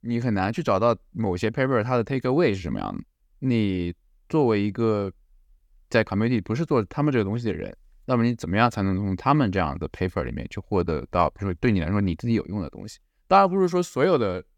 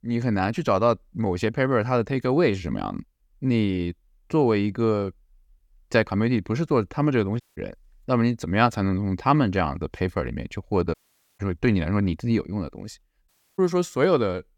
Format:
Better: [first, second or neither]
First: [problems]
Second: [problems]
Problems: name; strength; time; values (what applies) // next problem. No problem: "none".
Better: first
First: none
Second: audio cutting out; at 7.5 s, at 11 s and at 13 s